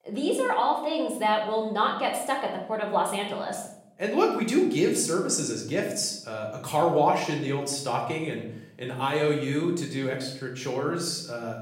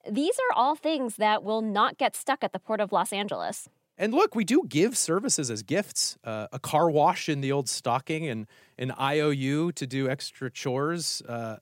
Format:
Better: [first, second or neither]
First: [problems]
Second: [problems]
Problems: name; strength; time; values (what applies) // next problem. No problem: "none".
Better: second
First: room echo; noticeable; dies away in 0.6 s // off-mic speech; somewhat distant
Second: none